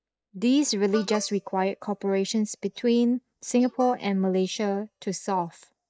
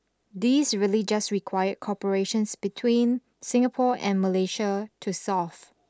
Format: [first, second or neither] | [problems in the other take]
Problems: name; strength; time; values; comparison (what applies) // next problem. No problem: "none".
second | noise reduction (neural mask model DeepFilterNet 3)